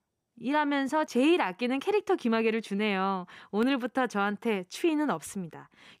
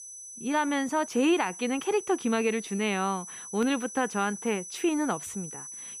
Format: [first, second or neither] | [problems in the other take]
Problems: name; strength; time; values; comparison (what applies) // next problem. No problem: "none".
first | high-pitched whine; noticeable; throughout; 6 kHz, 10 dB below the speech